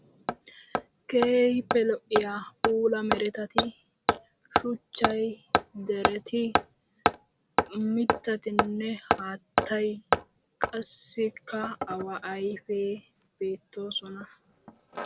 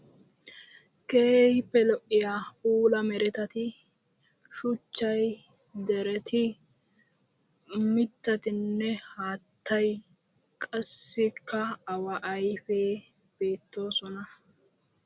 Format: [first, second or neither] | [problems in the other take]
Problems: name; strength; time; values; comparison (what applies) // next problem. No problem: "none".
second | background sound (Hammer); 1 dB below the speech